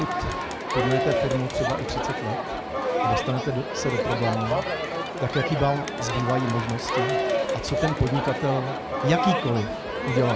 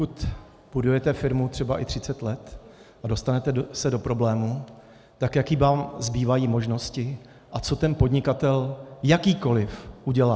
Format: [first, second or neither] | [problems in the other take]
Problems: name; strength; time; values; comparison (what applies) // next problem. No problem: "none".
second | background sound (Crowd); as loud as the speech